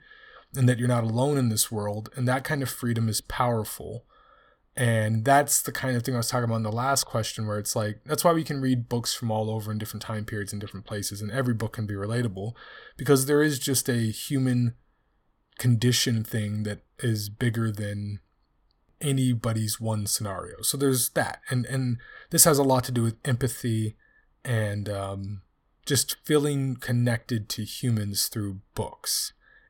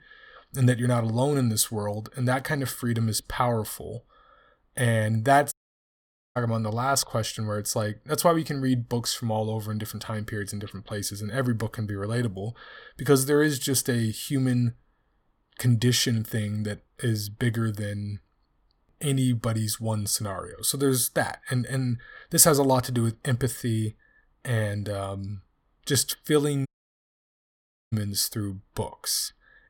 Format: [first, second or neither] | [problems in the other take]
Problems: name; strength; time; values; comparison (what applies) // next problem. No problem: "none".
first | audio cutting out; at 5.5 s for 1 s and at 27 s for 1.5 s